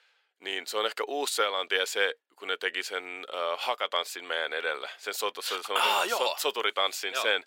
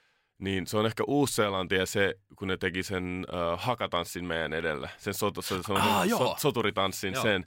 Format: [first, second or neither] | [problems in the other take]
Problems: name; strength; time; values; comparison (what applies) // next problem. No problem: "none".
second | thin; very; fading below 450 Hz